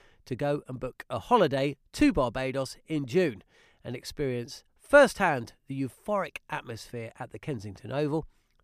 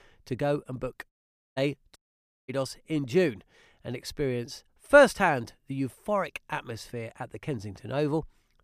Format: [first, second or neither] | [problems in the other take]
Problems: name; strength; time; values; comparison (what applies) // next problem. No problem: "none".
first | audio cutting out; at 1 s and at 2 s for 0.5 s